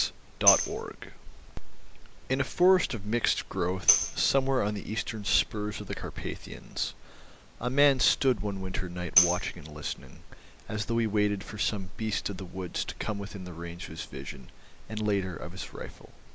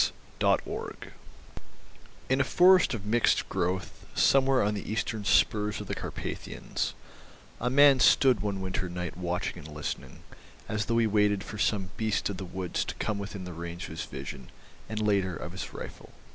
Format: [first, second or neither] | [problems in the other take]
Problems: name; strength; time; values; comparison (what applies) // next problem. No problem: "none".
second | background sound (Tambourine); 2 dB below the speech